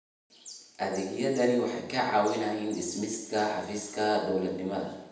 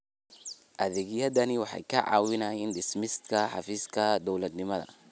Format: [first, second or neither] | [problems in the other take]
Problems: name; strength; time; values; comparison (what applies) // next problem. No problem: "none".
second | room echo; dies away in 0.9 s